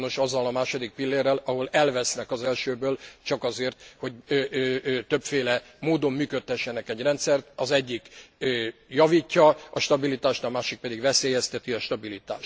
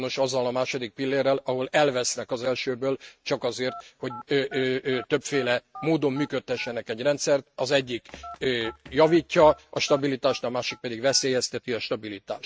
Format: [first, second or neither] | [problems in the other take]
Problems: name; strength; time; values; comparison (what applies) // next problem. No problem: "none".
first | noise reduction (neural mask model RNNoise)